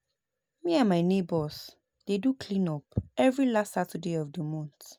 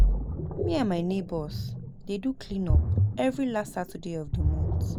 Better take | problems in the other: first | background sound (Ocean); 4 dB above the speech

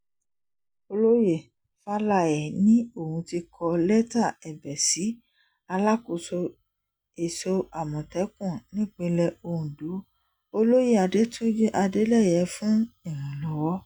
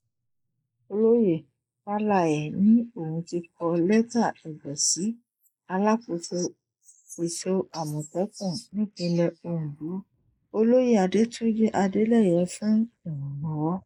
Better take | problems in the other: first | noise reduction (neural mask model Resemble Enhance denoiser)

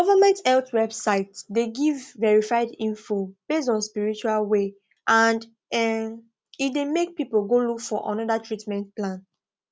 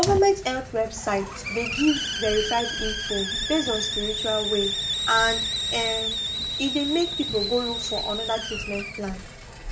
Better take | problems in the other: first | background sound (Hiss); 3 dB below the speech // room echo; dies away in 0.4 s

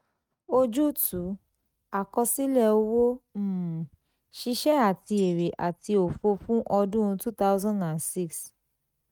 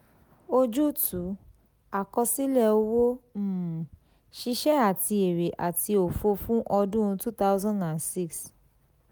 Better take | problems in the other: second | noise reduction (neural mask model RNNoise)

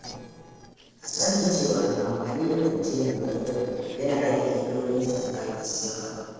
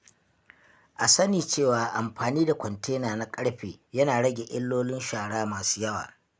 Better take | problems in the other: second | noise reduction (neural separator model SepFormer DNS4)

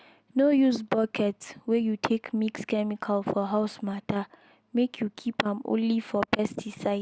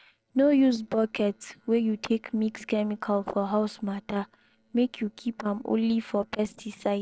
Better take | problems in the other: first | noise reduction (neural separator model SepFormer DNS4)

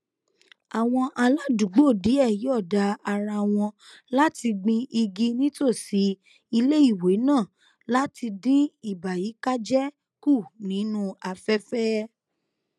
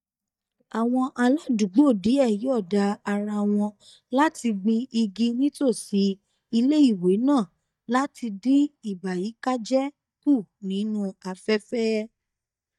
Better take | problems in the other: first | noise reduction (neural mask model DeepFilterNet 3)

